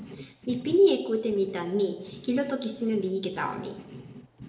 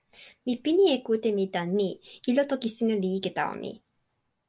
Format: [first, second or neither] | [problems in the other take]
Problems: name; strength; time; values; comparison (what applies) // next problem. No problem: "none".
second | background sound (Writing); 18 dB below the speech // room echo; dies away in 0.7 s